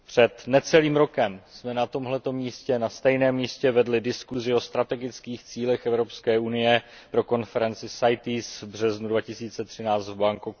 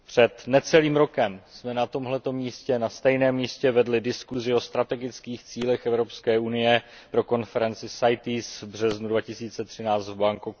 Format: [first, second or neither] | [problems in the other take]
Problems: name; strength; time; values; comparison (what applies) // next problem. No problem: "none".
first | background sound (Clapping); 18 dB below the speech